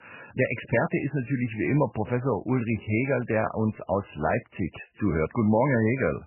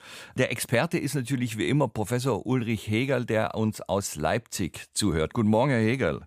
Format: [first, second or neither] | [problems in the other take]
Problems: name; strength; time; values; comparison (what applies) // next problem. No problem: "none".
second | garbled, watery; badly; nothing above 2.5 kHz